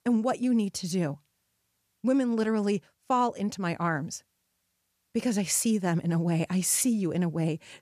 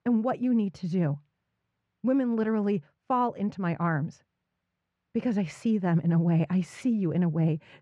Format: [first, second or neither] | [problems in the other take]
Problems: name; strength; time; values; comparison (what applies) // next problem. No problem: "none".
first | muffled; very; fading above 2 kHz